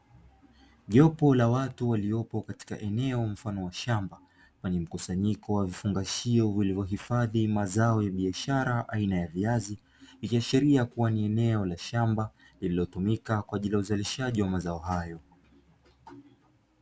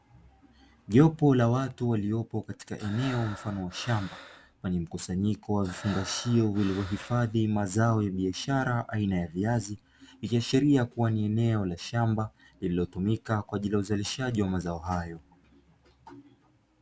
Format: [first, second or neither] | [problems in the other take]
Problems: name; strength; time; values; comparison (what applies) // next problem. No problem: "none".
first | background sound (Breathing); 15 dB below the speech